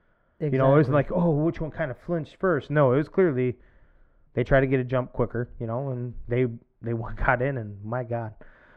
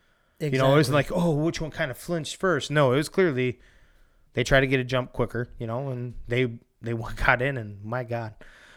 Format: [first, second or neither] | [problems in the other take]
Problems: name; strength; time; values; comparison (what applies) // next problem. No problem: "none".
second | muffled; very; fading above 3.5 kHz